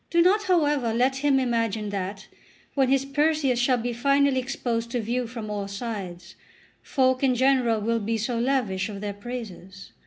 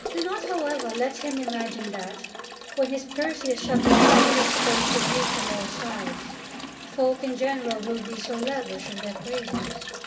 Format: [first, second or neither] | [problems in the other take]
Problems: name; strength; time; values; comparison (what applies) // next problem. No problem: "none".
first | background sound (Toilet flush); 2 dB above the speech // room echo; dies away in 1.8 s